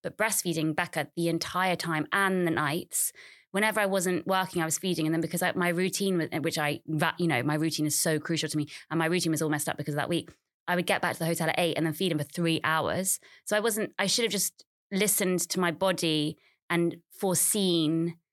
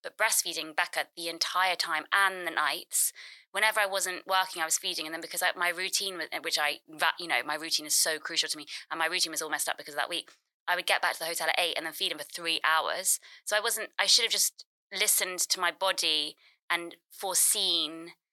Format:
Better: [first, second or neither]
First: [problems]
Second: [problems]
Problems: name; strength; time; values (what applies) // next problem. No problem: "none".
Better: first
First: none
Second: thin; very; fading below 850 Hz